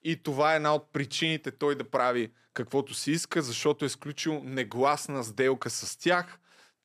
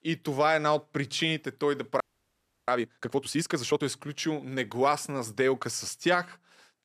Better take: first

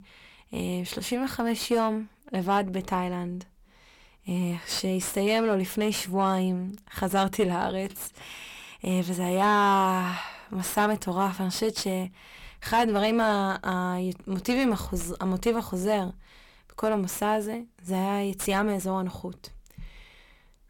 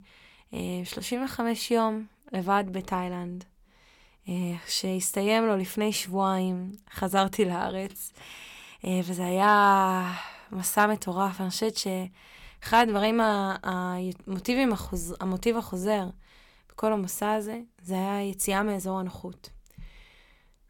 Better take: second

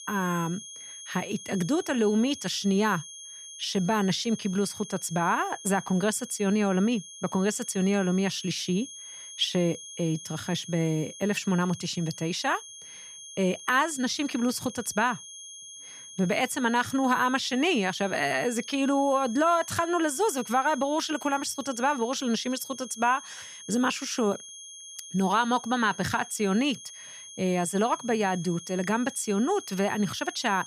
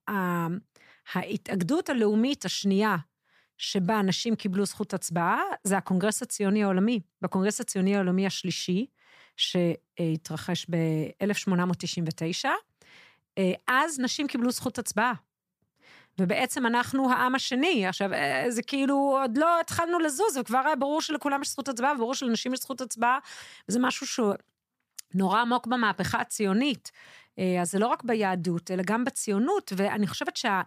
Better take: second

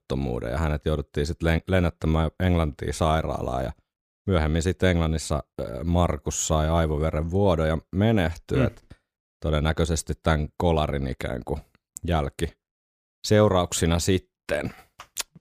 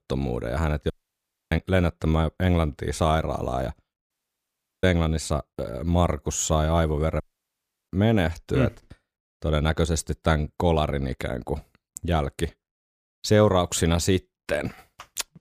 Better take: first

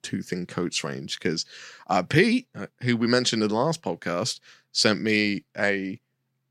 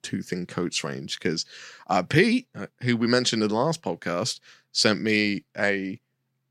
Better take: neither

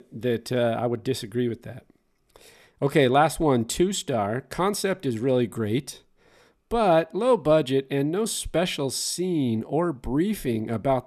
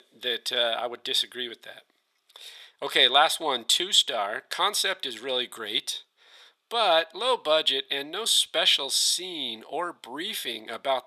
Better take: first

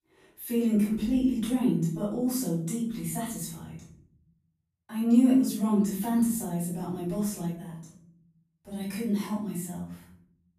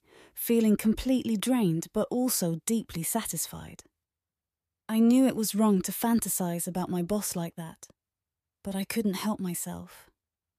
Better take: second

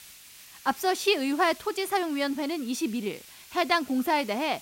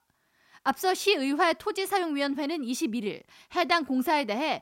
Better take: second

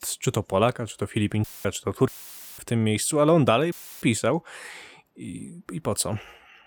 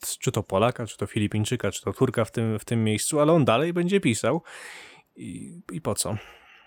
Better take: second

